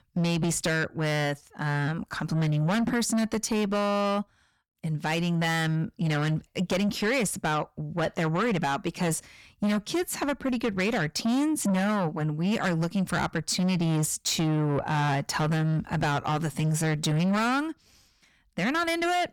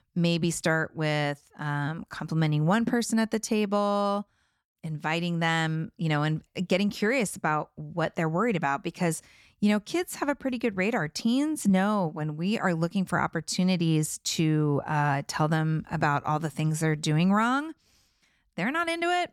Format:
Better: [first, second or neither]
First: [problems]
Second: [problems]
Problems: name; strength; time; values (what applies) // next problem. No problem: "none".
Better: second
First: distortion; heavy; 7 dB below the speech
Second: none